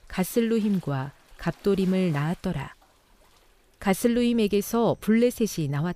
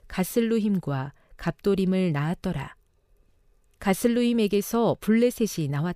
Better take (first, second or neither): second